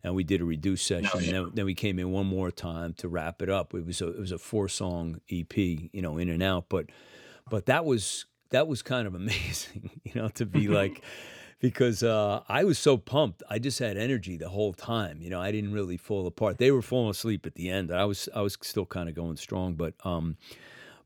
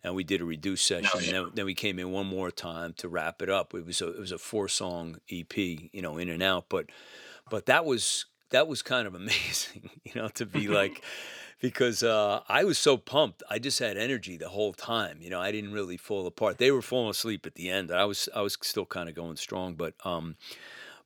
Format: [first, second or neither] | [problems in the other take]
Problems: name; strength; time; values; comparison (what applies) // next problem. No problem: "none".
first | thin; very slightly; fading below 1 kHz